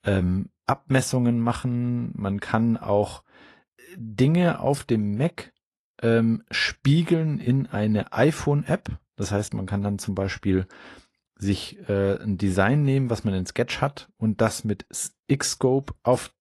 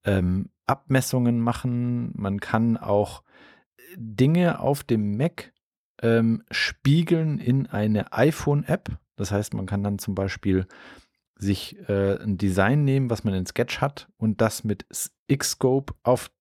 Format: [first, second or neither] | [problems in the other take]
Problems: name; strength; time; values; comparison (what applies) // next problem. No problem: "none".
second | garbled, watery; slightly; nothing above 11.5 kHz